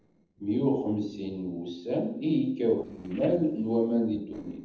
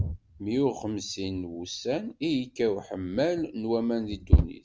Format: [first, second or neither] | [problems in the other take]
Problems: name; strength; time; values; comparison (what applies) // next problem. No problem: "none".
second | noise reduction (neural separator model SepFormer DNS4)